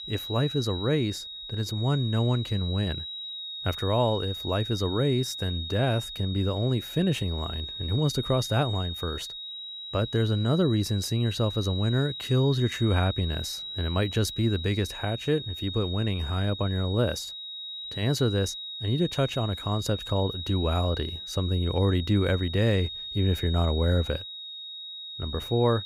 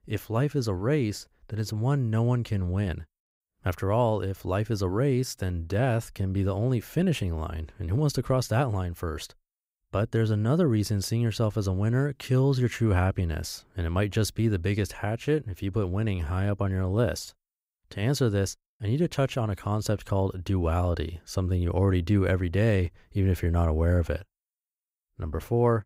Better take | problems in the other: second | high-pitched whine; loud; throughout; 4 kHz, 8 dB below the speech

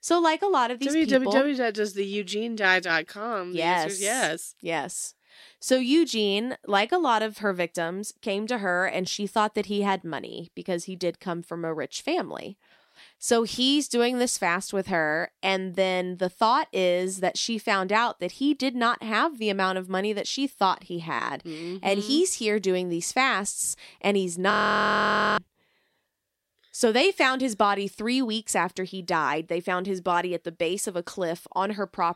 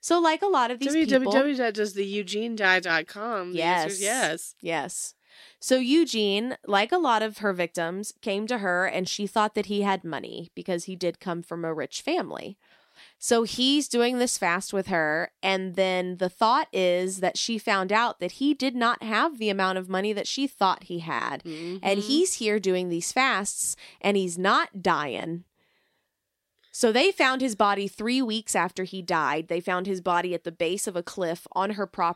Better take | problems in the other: second | audio freezing; at 25 s for 1 s

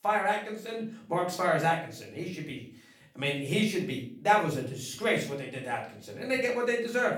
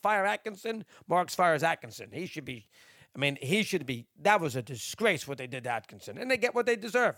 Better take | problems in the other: second | room echo; slight; dies away in 0.4 s // off-mic speech; far

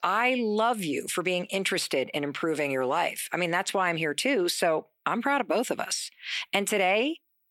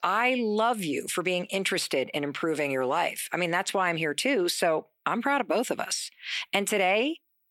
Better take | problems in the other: neither | thin; somewhat; fading below 300 Hz; the same in both

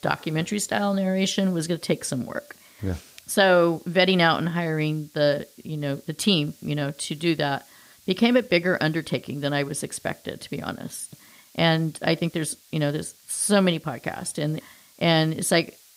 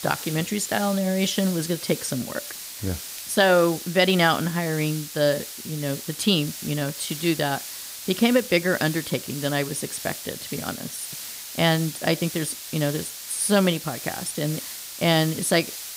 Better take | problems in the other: first | hiss; loud; throughout; 9 dB below the speech; faint in the first

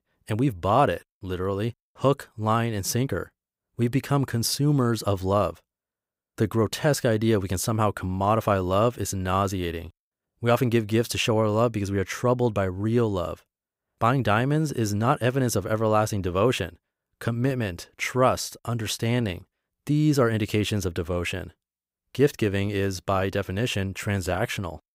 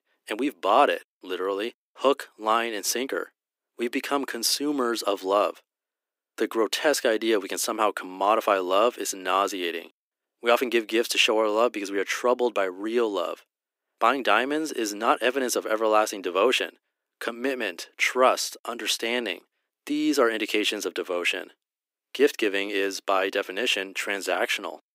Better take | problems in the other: first | thin; somewhat; fading below 300 Hz

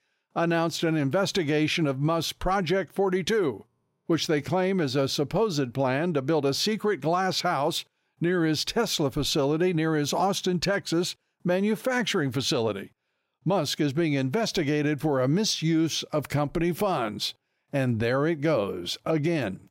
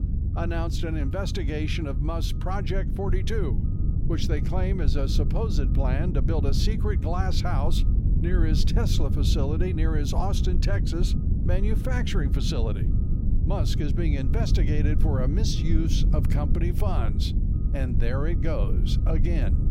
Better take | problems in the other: first | low rumble; loud; throughout; 6 dB below the speech

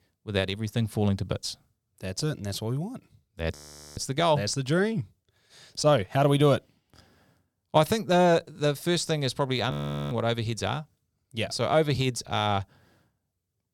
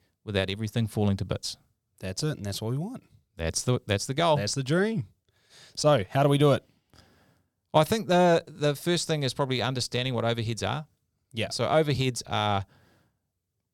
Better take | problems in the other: second | audio freezing; at 3.5 s and at 9.5 s

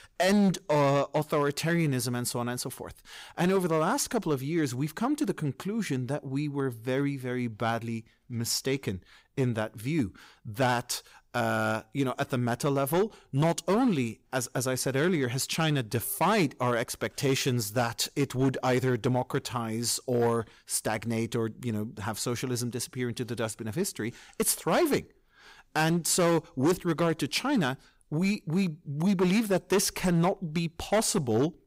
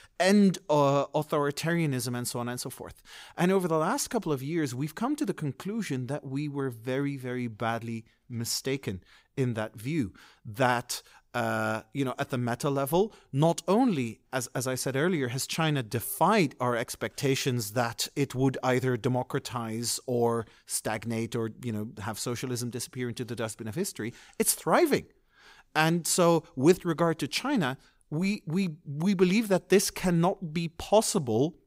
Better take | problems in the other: second | distortion; slight; 5% of the sound clipped

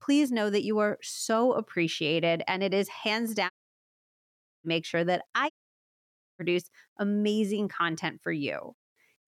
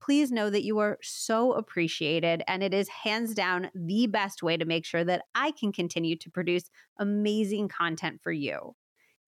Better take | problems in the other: second | audio cutting out; at 3.5 s for 1 s and at 5.5 s for 1 s

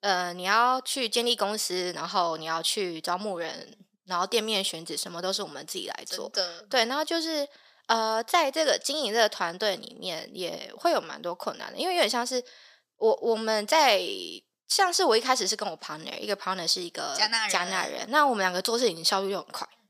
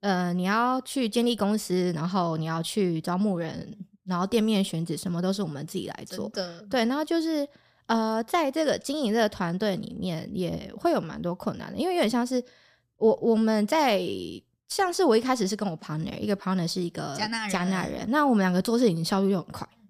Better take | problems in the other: second | thin; somewhat; fading below 550 Hz

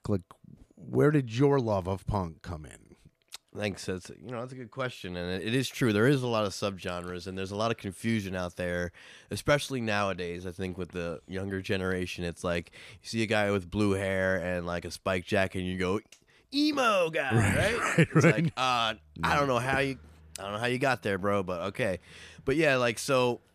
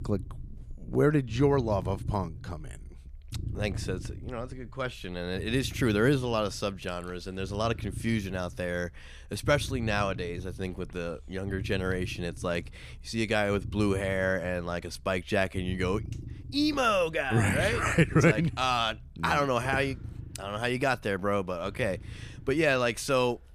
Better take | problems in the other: first | low rumble; faint; throughout; 25 dB below the speech

